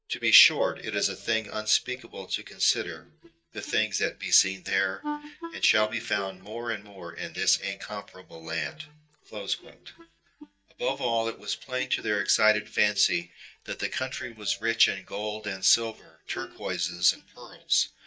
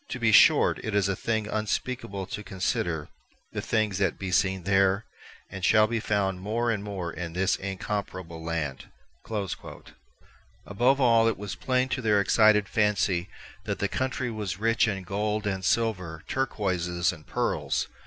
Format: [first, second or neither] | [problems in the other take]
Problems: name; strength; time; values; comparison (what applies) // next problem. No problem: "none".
second | noise reduction (neural mask model DeepFilterNet 3)